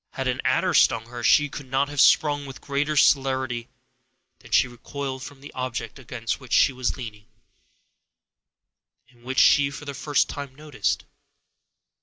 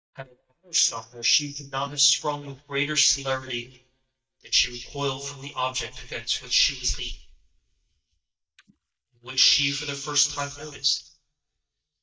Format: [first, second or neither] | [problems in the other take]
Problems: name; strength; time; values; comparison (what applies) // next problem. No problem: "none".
first | noise reduction (neural mask model DeepFilterNet 3)